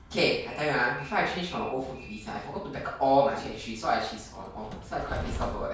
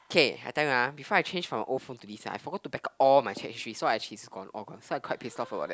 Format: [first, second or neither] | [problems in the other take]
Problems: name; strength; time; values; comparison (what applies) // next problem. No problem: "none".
second | background sound (Train); 13 dB below the speech // room echo; dies away in 0.5 s